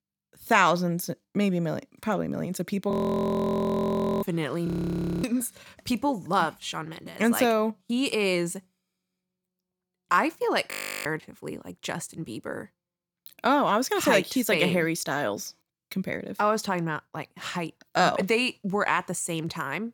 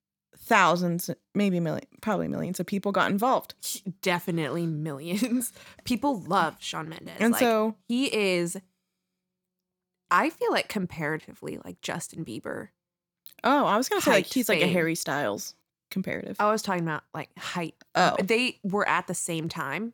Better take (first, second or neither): second